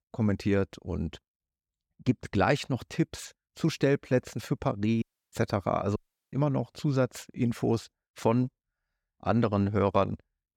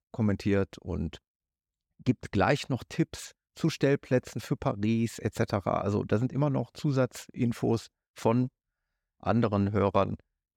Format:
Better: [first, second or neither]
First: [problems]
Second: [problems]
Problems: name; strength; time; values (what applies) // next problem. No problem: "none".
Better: second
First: audio cutting out; at 5 s and at 6 s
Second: none